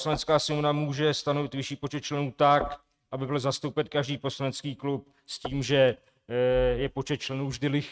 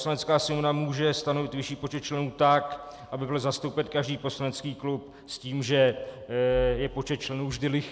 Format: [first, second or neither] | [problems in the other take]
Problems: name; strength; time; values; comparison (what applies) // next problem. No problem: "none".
second | noise reduction (neural mask model RNNoise)